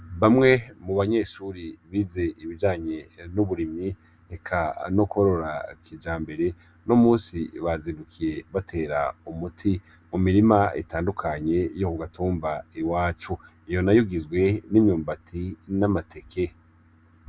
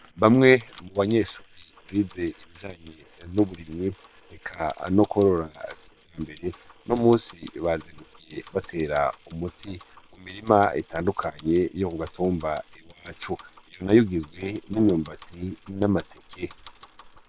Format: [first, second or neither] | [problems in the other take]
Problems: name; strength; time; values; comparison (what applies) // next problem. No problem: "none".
first | noise reduction (neural separator model SepFormer WHAM!)